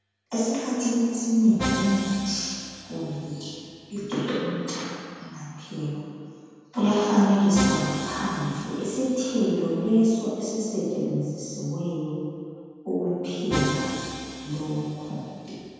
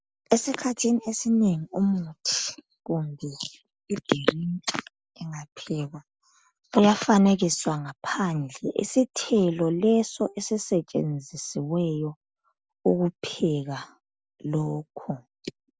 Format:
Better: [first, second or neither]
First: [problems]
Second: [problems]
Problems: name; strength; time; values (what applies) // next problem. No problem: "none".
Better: second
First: background sound (Musical instrument); 11 dB below the speech // room echo; dies away in 2.1 s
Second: none